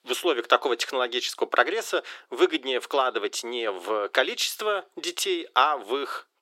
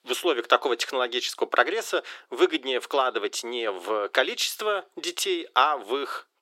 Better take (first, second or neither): neither